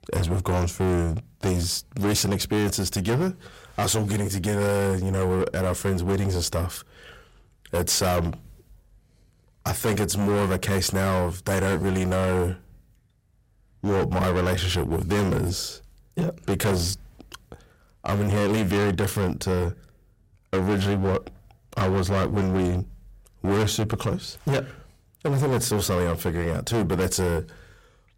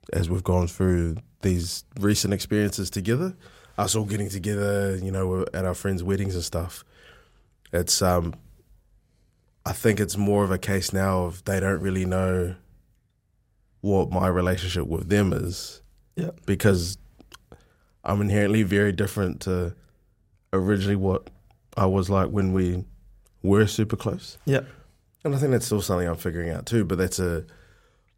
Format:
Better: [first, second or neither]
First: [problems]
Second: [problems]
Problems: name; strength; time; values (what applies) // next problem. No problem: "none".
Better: second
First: distortion; heavy; 19% of the sound clipped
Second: none